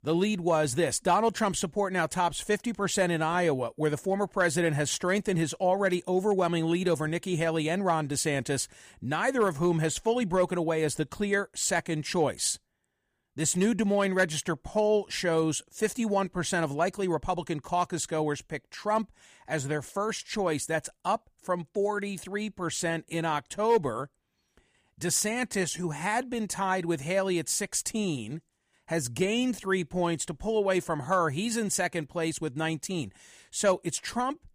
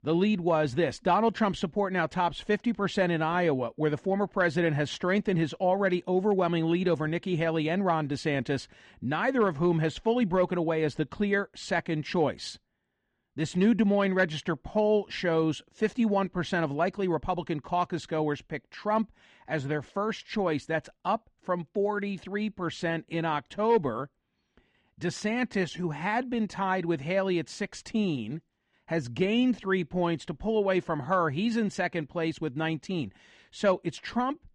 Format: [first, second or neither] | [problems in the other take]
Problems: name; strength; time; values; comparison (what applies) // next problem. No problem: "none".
first | muffled; slightly; fading above 4 kHz